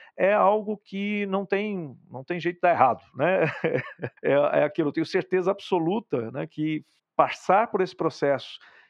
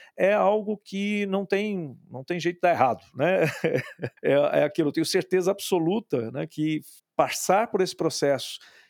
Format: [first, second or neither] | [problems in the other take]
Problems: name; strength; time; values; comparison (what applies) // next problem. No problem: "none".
second | muffled; slightly; fading above 2.5 kHz